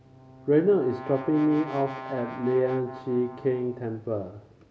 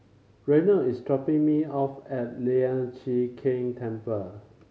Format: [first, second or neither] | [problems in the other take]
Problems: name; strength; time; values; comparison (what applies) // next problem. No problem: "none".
second | background sound (Brass instrument); 14 dB below the speech